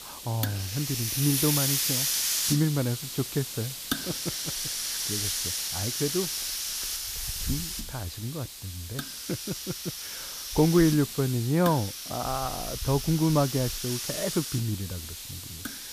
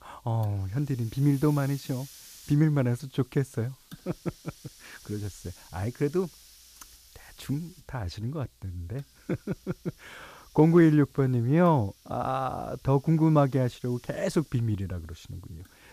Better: second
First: hiss; loud; throughout; 1 dB below the speech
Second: hiss; faint; throughout; 25 dB below the speech

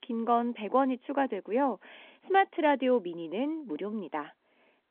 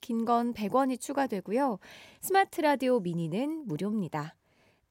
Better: second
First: phone-call audio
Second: none

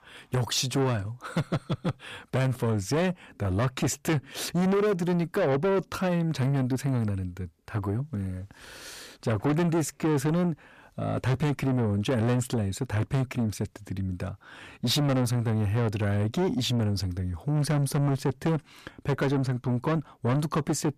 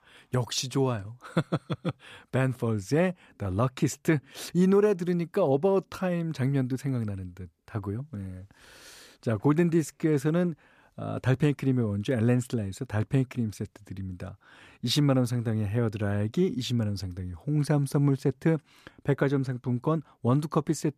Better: second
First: distortion; heavy; 7 dB below the speech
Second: none

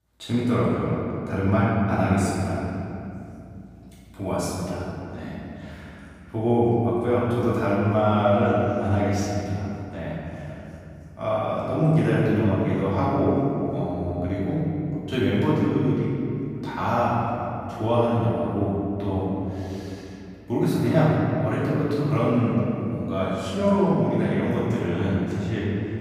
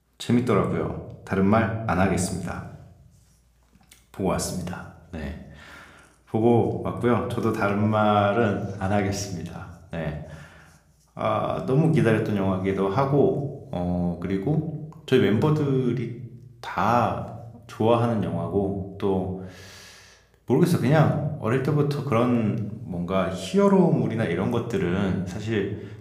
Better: second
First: room echo; strong; dies away in 2.8 s // off-mic speech; far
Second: room echo; slight; dies away in 0.6 s

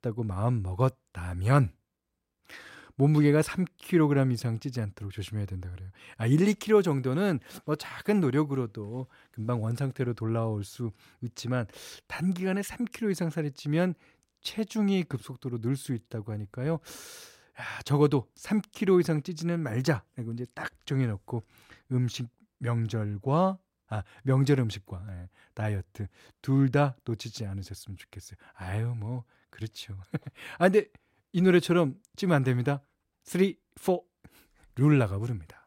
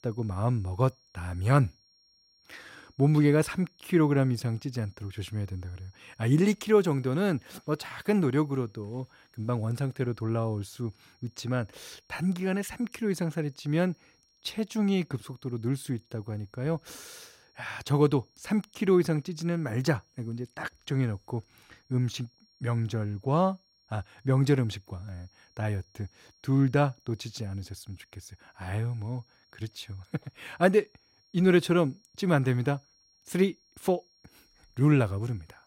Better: first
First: none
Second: high-pitched whine; faint; throughout; 5.5 kHz, 35 dB below the speech

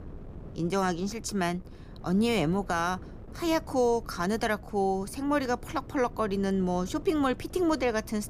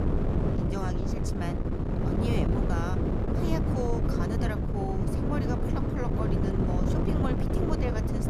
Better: first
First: wind noise on the microphone; occasional gusts; 25 dB below the speech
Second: wind noise on the microphone; heavy; 2 dB above the speech

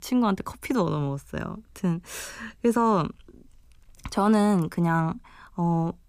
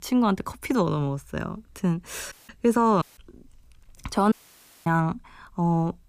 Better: first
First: none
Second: audio cutting out; at 2.5 s, at 3 s and at 4.5 s for 0.5 s

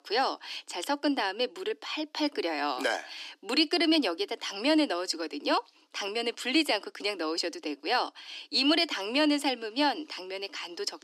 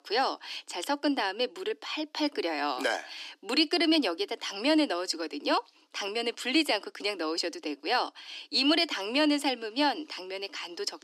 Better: neither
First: thin; very slightly; fading below 300 Hz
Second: thin; very slightly; fading below 300 Hz

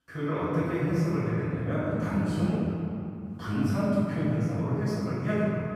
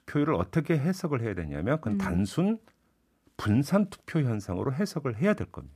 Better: second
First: off-mic speech; far // room echo; strong; dies away in 2.5 s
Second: none

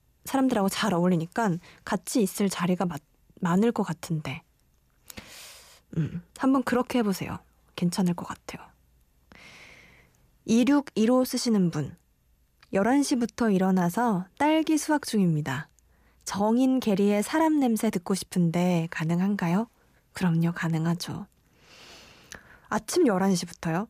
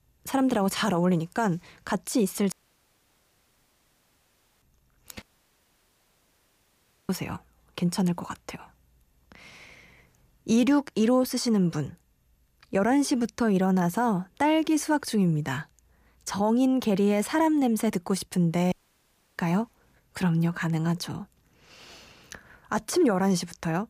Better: first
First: none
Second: audio cutting out; at 2.5 s for 2 s, at 5 s for 2 s and at 19 s for 0.5 s

